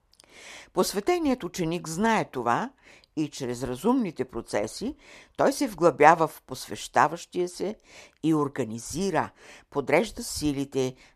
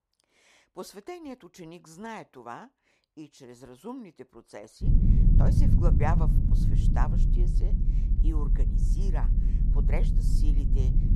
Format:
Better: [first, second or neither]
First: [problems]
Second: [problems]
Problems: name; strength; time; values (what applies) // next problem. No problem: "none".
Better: first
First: none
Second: low rumble; loud; from 5 s on; 1 dB below the speech